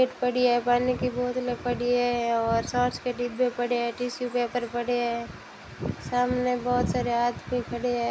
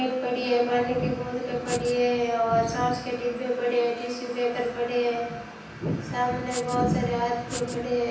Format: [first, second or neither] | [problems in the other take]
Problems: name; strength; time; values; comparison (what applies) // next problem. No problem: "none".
first | background sound (Writing); 15 dB below the speech // room echo; dies away in 0.9 s